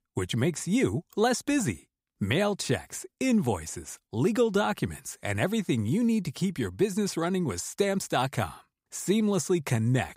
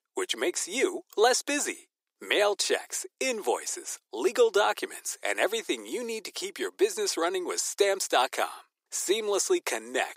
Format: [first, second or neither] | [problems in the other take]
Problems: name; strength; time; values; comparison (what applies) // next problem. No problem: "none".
first | thin; very; fading below 350 Hz